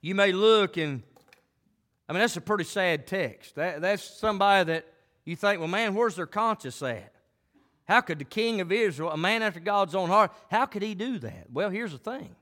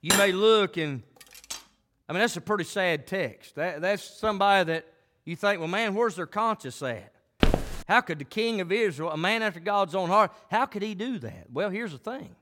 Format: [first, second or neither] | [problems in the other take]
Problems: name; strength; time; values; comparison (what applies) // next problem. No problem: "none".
first | clattering dishes; loud; at the start; peak 2 dB above the speech // clattering dishes; faint; at 1 s; peak 10 dB below the speech // footsteps; loud; at 7.5 s; peak 1 dB above the speech